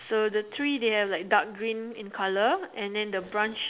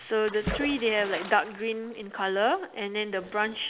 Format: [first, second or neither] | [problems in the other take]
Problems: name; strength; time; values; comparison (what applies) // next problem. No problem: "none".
first | background sound (Splash, splatter); 10 dB below the speech